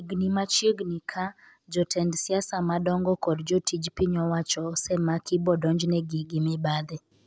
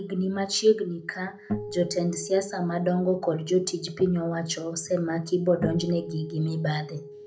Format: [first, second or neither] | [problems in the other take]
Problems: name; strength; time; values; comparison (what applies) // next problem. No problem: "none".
first | background sound (Acoustic guitar); 13 dB below the speech // room echo; dies away in 0.3 s